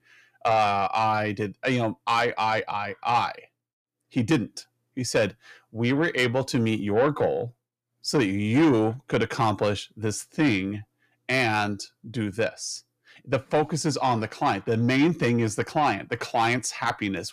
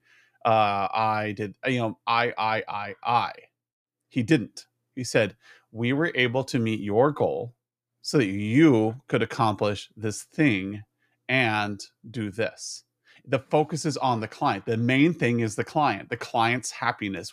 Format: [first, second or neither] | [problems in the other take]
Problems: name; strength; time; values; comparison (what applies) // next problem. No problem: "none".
second | distortion; slight; 10 dB below the speech